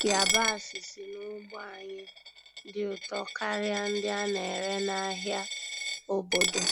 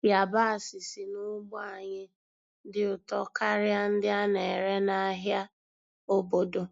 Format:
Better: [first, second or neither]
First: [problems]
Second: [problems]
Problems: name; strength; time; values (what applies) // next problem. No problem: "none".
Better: second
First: background sound (Coin (dropping)); 1 dB below the speech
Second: none